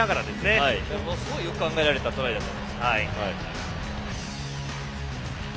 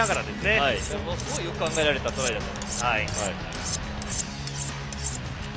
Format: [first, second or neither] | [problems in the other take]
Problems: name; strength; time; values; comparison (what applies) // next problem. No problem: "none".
first | background sound (Cutlery, silverware); 9 dB below the speech